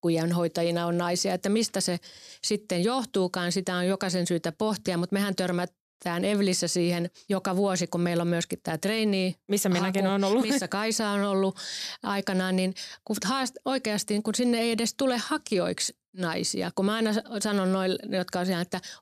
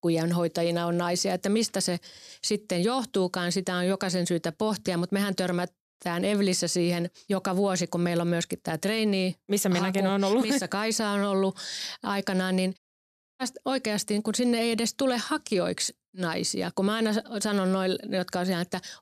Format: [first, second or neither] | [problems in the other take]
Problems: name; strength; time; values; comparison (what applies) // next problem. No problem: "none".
first | audio cutting out; at 13 s for 0.5 s